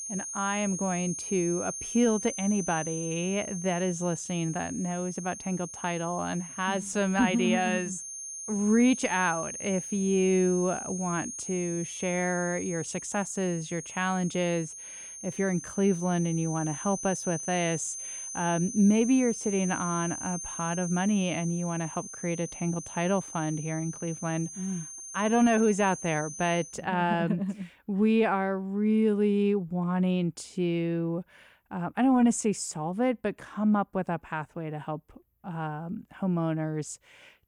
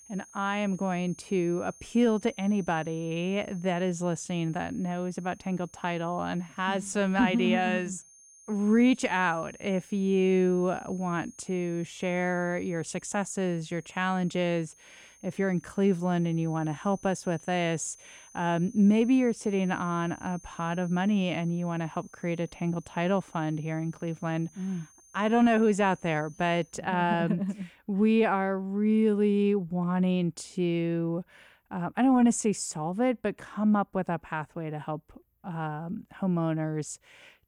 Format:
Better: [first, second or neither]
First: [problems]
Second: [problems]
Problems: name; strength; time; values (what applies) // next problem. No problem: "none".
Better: second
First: high-pitched whine; loud; until 27 s; 6.5 kHz, 8 dB below the speech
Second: high-pitched whine; faint; until 27 s; 6.5 kHz, 25 dB below the speech